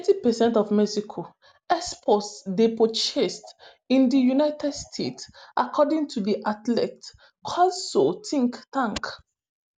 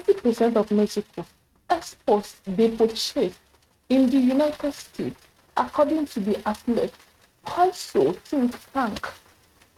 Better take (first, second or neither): first